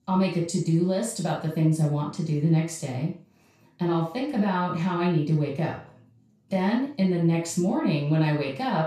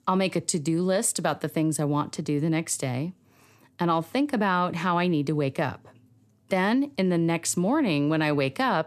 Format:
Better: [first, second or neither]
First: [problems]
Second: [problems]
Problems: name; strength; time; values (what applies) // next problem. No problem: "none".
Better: second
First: room echo; noticeable; dies away in 0.3 s // off-mic speech; far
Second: none